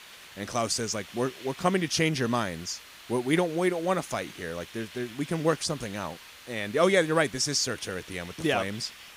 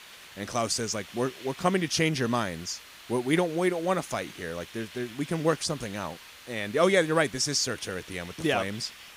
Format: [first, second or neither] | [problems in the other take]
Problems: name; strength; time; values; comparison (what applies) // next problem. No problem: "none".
neither | hiss; noticeable; throughout; 15 dB below the speech; the same in both